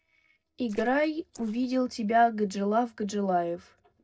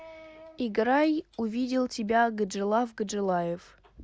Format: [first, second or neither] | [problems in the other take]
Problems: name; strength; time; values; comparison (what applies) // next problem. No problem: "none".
second | noise reduction (neural separator model SepFormer DNS4)